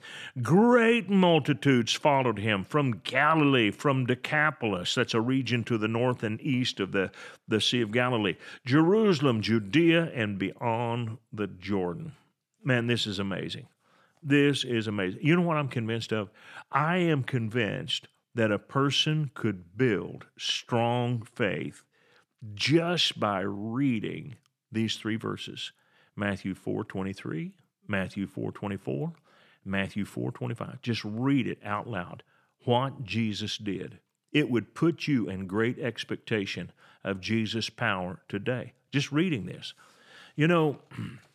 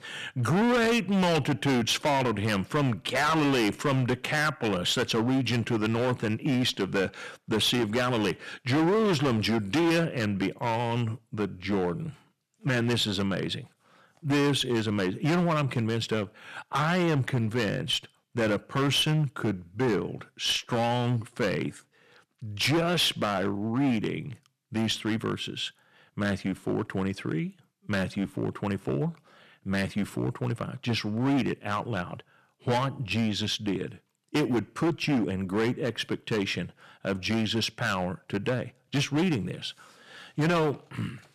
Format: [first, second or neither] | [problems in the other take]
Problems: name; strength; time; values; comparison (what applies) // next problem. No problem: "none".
first | distortion; heavy; 13% of the sound clipped